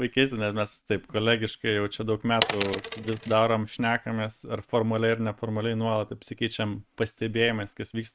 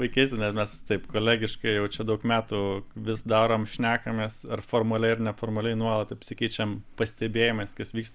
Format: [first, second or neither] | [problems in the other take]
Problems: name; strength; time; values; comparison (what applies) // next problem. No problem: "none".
second | noise reduction (neural mask model RNNoise)